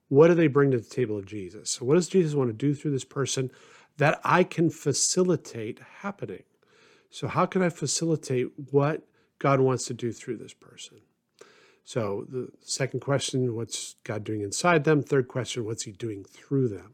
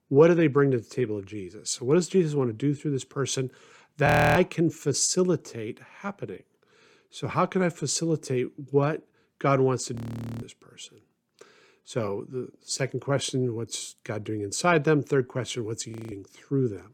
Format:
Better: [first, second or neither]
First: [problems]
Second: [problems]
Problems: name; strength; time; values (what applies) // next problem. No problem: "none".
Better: first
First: none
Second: audio freezing; at 4 s, at 10 s and at 16 s